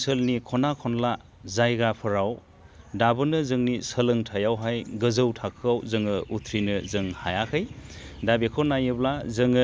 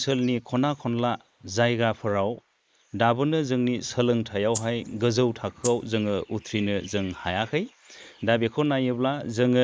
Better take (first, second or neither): first